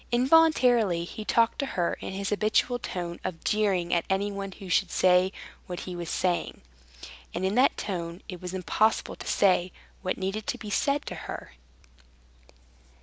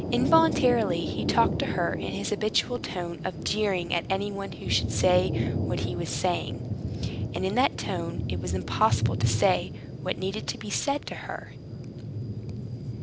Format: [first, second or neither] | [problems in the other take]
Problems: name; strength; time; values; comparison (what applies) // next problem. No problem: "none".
first | background sound (Thunder); 2 dB below the speech